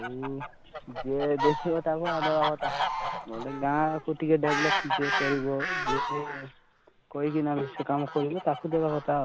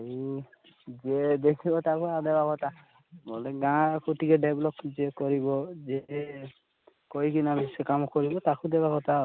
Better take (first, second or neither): second